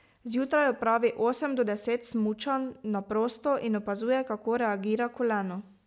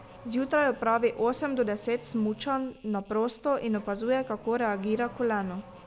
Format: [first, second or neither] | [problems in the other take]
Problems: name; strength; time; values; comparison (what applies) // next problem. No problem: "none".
first | background sound (Insect + Accelerating, revving, vroom / Car); 20 dB below the speech